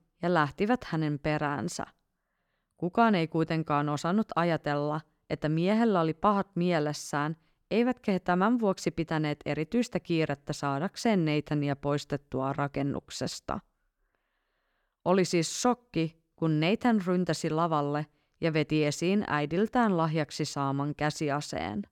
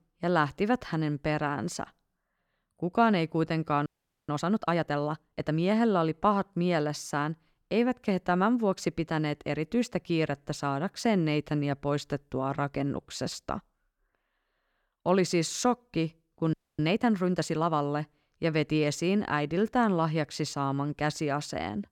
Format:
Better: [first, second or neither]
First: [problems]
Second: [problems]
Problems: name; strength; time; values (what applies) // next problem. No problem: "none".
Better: first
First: none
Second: audio freezing; at 4 s and at 17 s